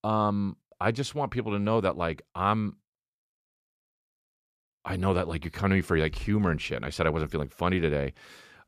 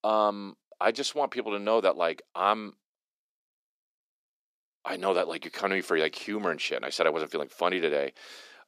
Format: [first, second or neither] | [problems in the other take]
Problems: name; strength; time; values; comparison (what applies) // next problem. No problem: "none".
first | thin; somewhat; fading below 300 Hz